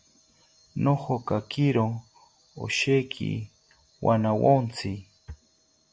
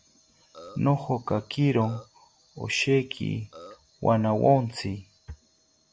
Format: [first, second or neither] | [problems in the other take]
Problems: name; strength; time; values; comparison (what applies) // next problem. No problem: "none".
first | background sound (Burping, eructation); 19 dB below the speech